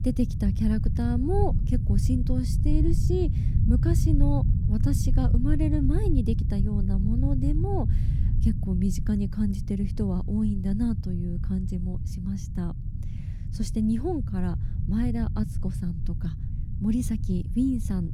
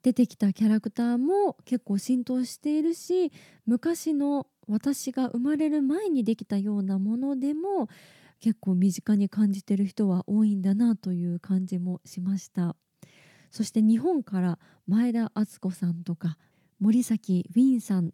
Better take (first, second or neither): second